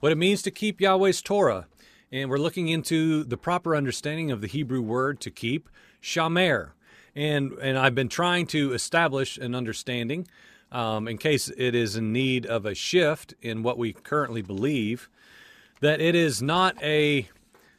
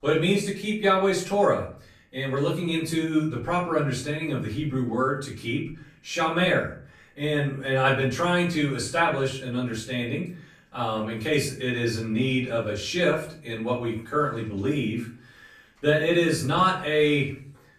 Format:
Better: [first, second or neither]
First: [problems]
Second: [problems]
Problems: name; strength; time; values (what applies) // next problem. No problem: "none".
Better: first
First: none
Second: room echo; slight; dies away in 0.4 s // off-mic speech; far